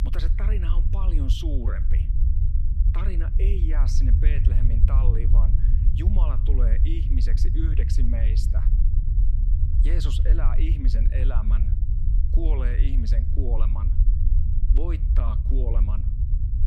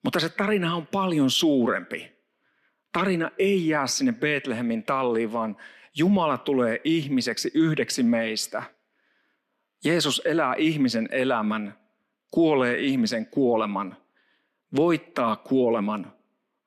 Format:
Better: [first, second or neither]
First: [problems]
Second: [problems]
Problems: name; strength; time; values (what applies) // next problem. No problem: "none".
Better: second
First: low rumble; loud; throughout; 3 dB below the speech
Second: none